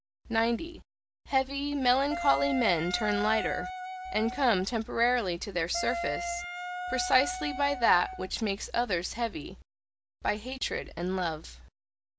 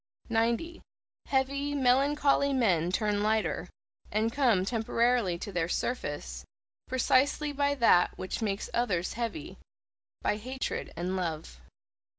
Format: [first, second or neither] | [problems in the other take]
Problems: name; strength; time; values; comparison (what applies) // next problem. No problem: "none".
second | background sound (Wind instrument, woodwind instrument); 6 dB below the speech